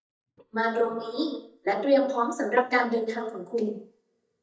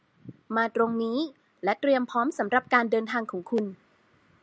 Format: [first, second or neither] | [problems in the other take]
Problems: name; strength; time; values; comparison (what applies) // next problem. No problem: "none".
second | noise reduction (neural mask model DeepFilterNet 3)